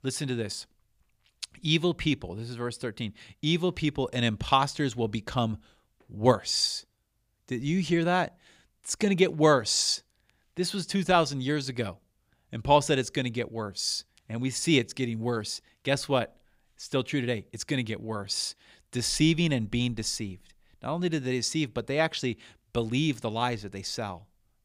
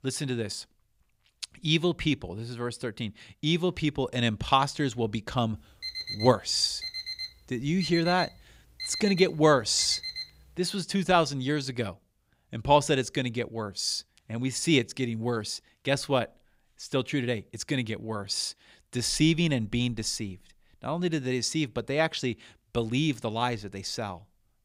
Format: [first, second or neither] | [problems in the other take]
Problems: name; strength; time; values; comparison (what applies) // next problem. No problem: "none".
first | alarm; noticeable; from 6 to 10 s; peak 5 dB below the speech